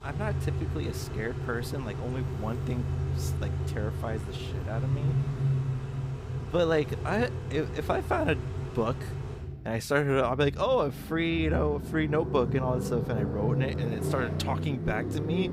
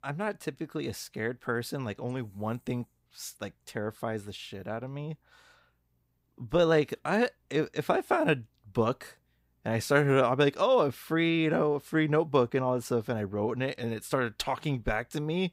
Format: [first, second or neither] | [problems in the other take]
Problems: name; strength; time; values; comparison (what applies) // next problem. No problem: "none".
second | traffic noise; loud; throughout; 2 dB below the speech